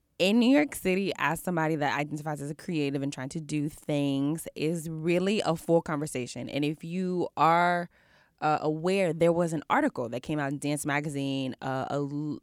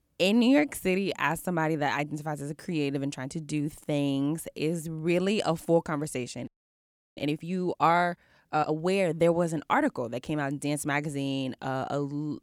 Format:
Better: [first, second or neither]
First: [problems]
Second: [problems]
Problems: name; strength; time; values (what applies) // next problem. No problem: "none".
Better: first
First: none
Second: audio freezing; at 6.5 s for 0.5 s